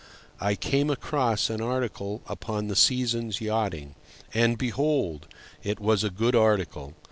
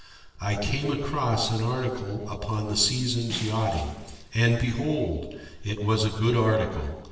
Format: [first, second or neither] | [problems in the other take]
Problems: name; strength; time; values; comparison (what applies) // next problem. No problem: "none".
first | noise reduction (neural separator model SepFormer DNS4)